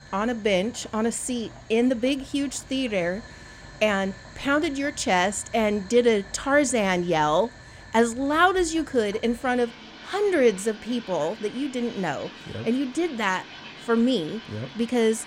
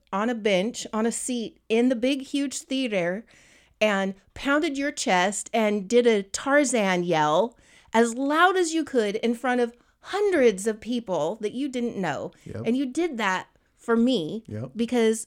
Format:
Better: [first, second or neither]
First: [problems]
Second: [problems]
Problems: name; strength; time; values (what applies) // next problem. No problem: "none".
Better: second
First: household noises; noticeable; throughout; 20 dB below the speech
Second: none